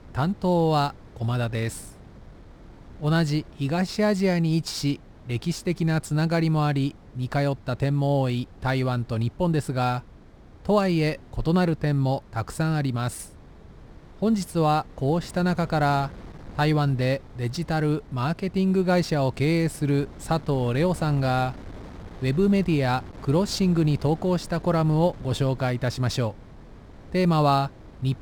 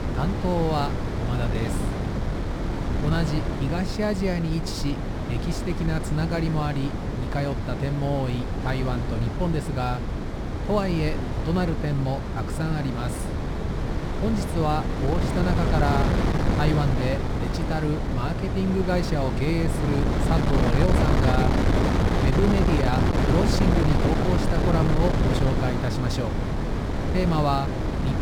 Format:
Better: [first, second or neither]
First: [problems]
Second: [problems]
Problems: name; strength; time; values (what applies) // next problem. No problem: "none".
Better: first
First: wind noise on the microphone; occasional gusts; 25 dB below the speech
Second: wind noise on the microphone; heavy; 1 dB below the speech